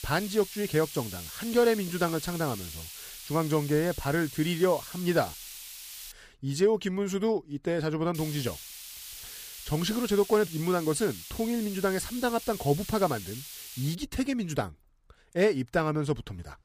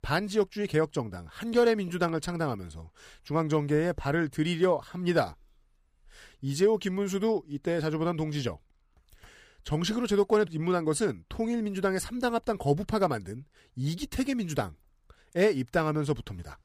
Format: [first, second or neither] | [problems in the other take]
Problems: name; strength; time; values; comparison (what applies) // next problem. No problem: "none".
second | hiss; noticeable; until 6 s and from 8 to 14 s; 10 dB below the speech